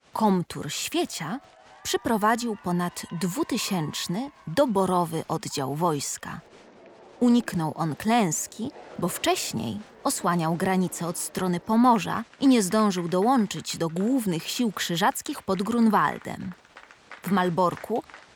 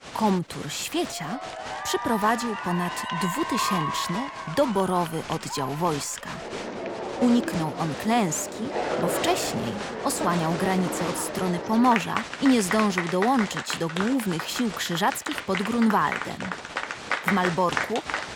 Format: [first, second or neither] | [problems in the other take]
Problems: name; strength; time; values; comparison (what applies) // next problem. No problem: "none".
first | crowd noise; loud; throughout; 5 dB below the speech; faint in the first